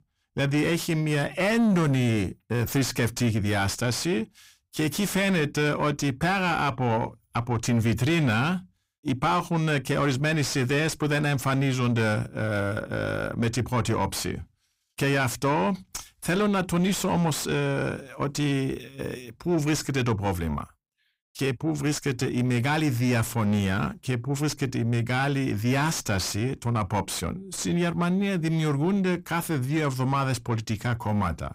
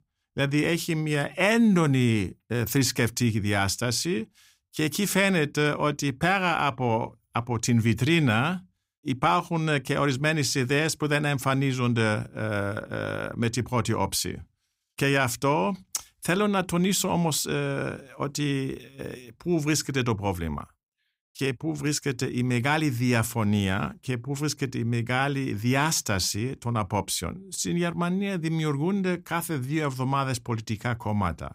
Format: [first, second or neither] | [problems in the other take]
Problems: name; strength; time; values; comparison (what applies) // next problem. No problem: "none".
second | distortion; slight; 9 dB below the speech